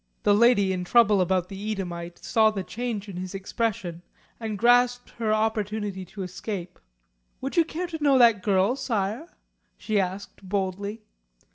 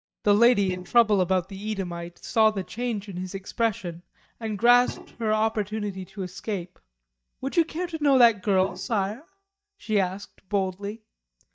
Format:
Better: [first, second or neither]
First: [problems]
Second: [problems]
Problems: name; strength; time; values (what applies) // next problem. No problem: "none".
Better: first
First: none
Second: noise reduction (neural mask model DeepFilterNet 3)